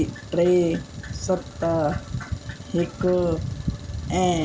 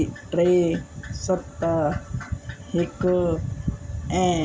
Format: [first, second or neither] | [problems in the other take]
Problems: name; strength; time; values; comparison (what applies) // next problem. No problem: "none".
second | background sound (Engine); 20 dB below the speech